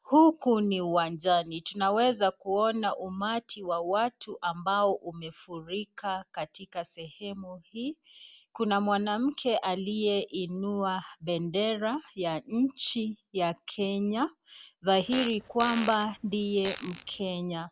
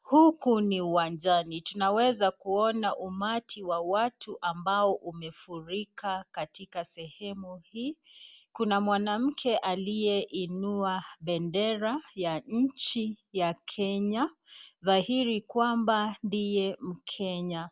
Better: second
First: background sound (Fart); 12 dB below the speech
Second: none

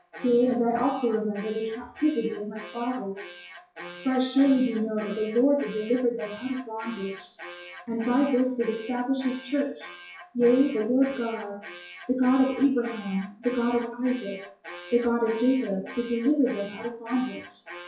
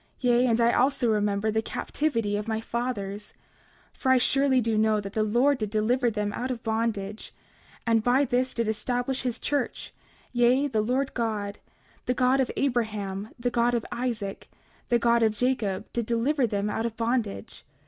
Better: second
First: noise reduction (classical method WPE with log-MMSE)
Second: none

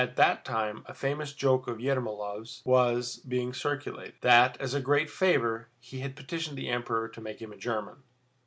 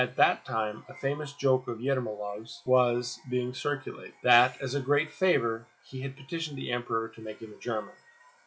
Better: first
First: none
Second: noise reduction (classical method log-MMSE)

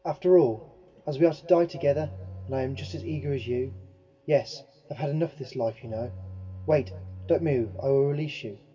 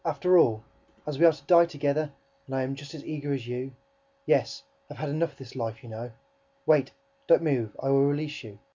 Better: second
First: background sound (Bowed string instrument); 14 dB below the speech // room echo; dies away in 2.3 s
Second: none

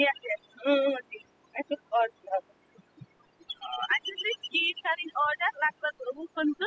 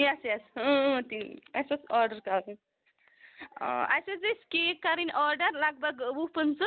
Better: second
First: noise reduction (classical method spectral subtraction)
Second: none

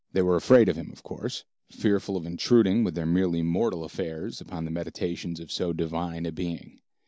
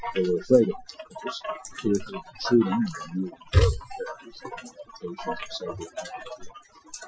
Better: first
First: none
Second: noise reduction (classical method Wiener filter)

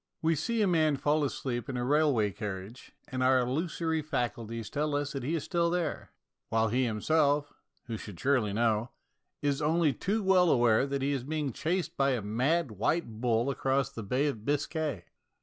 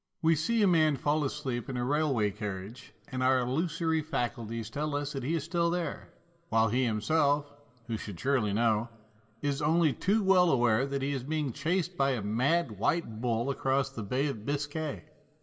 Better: first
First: none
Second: room echo; dies away in 0.3 s

